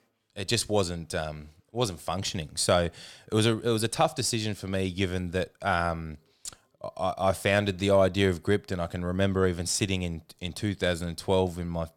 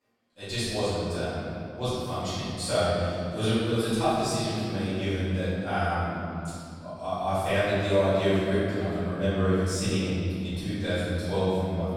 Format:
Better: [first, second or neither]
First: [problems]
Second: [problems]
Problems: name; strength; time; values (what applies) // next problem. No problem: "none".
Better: first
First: none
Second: off-mic speech; far // room echo; strong; dies away in 2.5 s